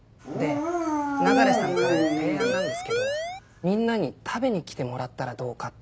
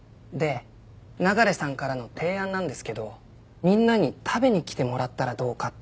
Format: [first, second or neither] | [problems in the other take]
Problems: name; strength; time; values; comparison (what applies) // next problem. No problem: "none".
second | background sound (Siren + Dog); 4 dB above the speech